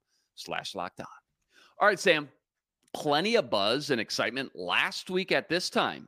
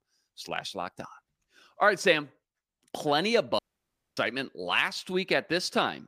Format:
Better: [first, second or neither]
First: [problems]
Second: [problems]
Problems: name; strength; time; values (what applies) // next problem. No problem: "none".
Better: first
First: none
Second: audio cutting out; at 3.5 s for 0.5 s